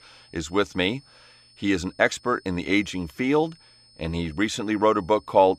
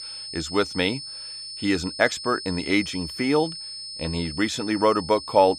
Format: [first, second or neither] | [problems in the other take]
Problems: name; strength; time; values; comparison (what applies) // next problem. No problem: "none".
first | high-pitched whine; loud; throughout; 5 kHz, 9 dB below the speech; faint in the first